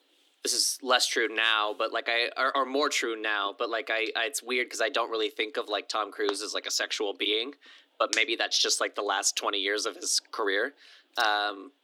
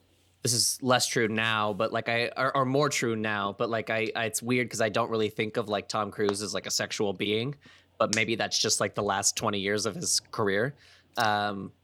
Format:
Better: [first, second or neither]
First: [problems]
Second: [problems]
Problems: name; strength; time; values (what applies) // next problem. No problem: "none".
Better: second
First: thin; somewhat; fading below 250 Hz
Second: none